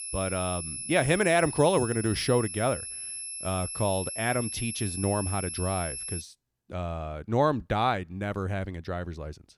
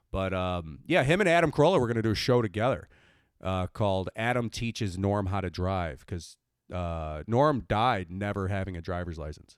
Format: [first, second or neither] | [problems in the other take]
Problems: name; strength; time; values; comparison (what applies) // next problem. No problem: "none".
second | high-pitched whine; loud; until 6 s; 11 kHz, 6 dB below the speech